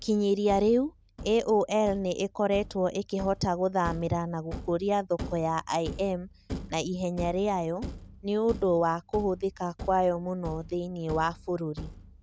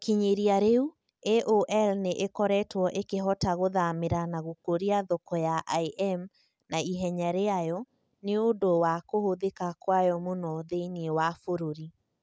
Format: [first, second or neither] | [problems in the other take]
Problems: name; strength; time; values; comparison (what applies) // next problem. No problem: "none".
second | background sound (Thump, thud); 14 dB below the speech